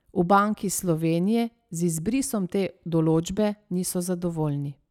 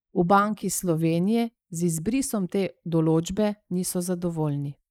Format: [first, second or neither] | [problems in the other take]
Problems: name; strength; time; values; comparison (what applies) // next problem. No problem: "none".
first | noise reduction (neural mask model Resemble Enhance denoiser)